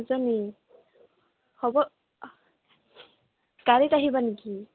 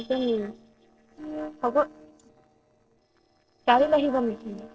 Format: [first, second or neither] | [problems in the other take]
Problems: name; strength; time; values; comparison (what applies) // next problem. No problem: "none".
first | noise reduction (neural separator model SepFormer DNS4)